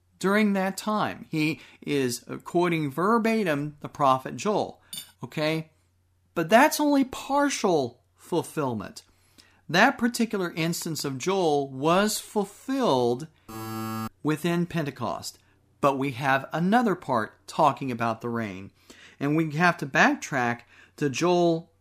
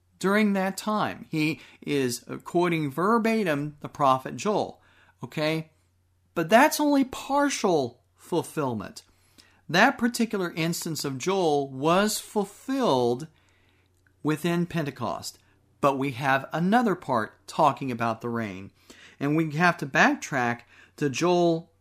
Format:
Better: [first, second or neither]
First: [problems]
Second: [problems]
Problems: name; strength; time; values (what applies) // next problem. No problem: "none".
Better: second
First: clattering dishes; faint; at 5 s; peak 15 dB below the speech // alarm; noticeable; at 13 s; peak 7 dB below the speech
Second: none